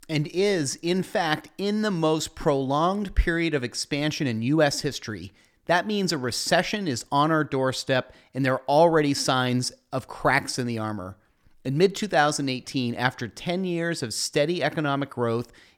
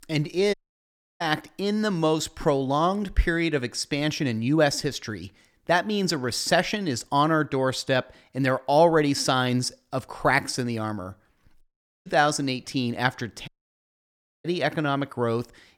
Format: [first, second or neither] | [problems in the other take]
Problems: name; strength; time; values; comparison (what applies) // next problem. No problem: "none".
first | audio cutting out; at 0.5 s for 0.5 s, at 12 s and at 13 s for 1 s